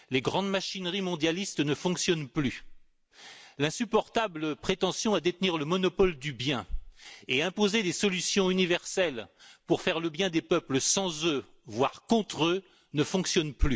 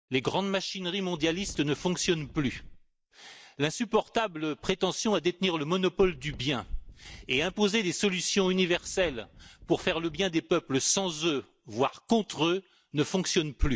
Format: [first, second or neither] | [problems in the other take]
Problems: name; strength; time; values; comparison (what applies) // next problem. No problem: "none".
first | noise reduction (neural mask model DeepFilterNet 3)